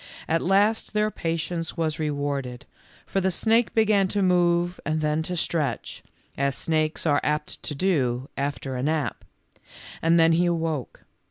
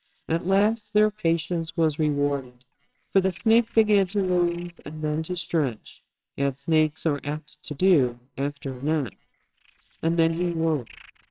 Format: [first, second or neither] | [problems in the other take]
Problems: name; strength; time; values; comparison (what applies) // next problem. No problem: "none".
first | noise reduction (neural separator model SepFormer WHAMR!)